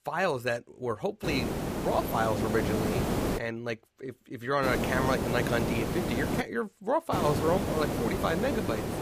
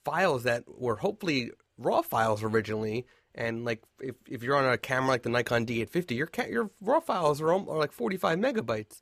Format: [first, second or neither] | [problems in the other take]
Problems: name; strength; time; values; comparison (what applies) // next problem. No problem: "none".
second | hiss; loud; from 1 to 3.5 s, from 4.5 to 6.5 s and from 7 s on; as loud as the speech